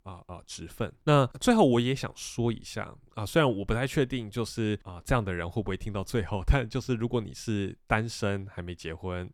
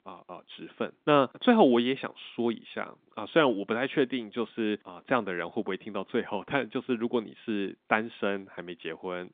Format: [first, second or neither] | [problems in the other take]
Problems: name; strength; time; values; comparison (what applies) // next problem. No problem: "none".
first | phone-call audio; nothing above 3.5 kHz